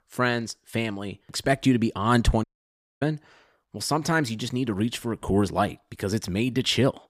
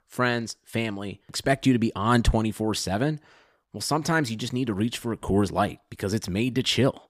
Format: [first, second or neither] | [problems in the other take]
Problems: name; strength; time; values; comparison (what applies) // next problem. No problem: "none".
second | audio cutting out; at 2.5 s for 0.5 s